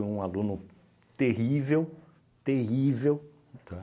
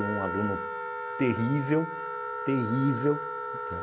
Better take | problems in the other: first | background sound (Wind instrument, woodwind instrument); 4 dB below the speech

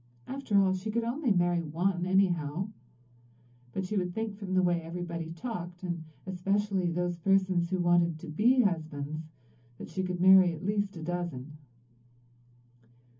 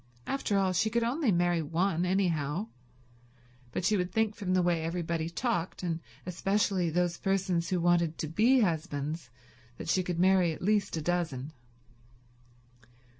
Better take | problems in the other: second | room echo; dies away in 0.3 s

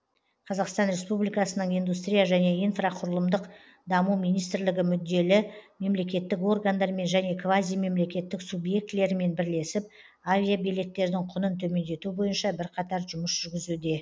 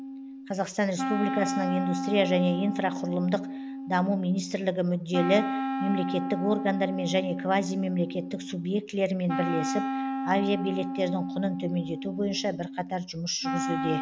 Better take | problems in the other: first | background sound (Wind instrument, woodwind instrument); 4 dB below the speech

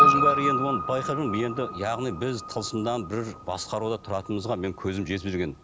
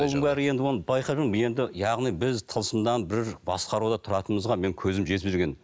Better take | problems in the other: second | background sound (Piano); 1 dB above the speech

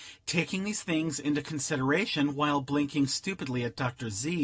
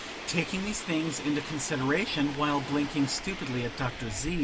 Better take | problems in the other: first | background sound (Subway, metro, underground); 9 dB below the speech

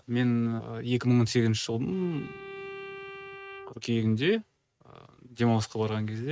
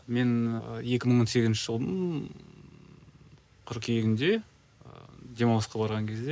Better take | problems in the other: second | noise reduction (neural mask model RNNoise)

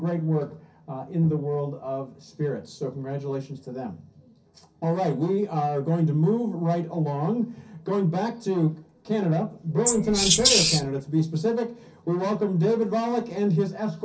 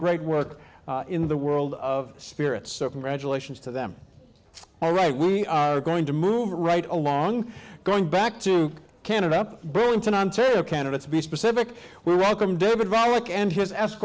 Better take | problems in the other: second | background sound (Wild animals); 3 dB above the speech // room echo; dies away in 0.3 s

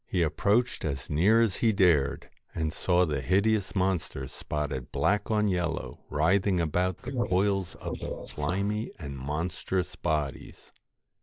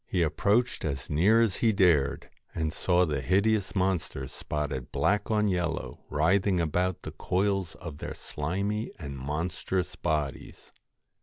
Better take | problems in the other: second | noise reduction (neural mask model Resemble Enhance denoiser)

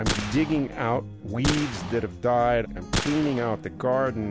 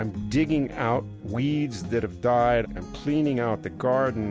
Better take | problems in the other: second | background sound (Gunshot, gunfire); 7 dB below the speech

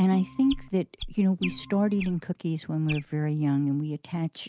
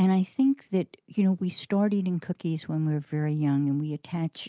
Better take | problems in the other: second | background sound (Organ + Chirp, tweet); 14 dB below the speech

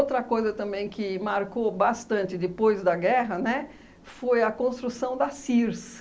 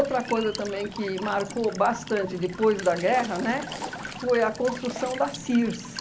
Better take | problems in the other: first | background sound (Walk, footsteps / Stream / Trickle, dribble / Chirp, tweet); 12 dB below the speech

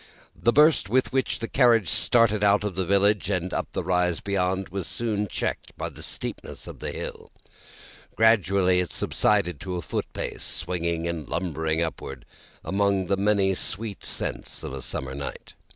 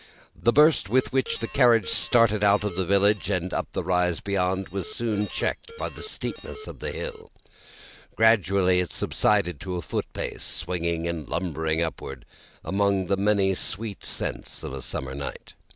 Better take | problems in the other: first | background sound (Alarm); 18 dB below the speech

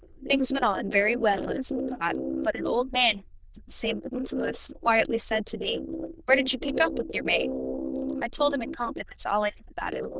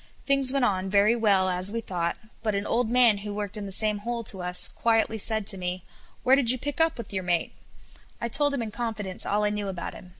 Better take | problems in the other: second | noise reduction (neural diffusion model UNIVERSE++)

